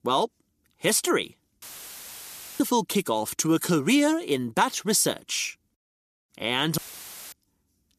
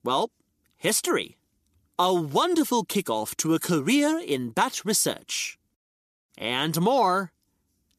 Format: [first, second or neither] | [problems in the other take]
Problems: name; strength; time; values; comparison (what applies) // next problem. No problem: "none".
second | audio cutting out; filled with static; at 1.5 s for 1 s and at 7 s for 0.5 s